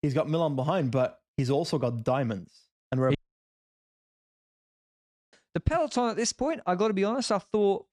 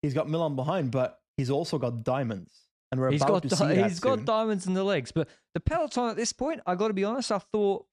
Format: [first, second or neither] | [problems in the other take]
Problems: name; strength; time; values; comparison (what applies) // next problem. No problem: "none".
second | audio cutting out; at 3 s for 2 s